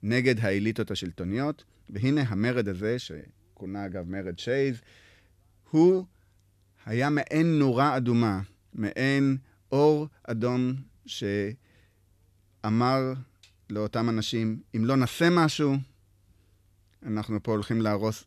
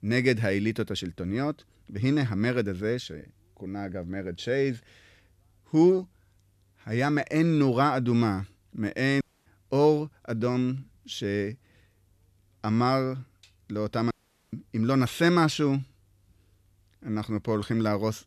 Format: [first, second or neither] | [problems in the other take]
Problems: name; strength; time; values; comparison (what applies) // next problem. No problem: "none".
first | audio cutting out; at 9 s and at 14 s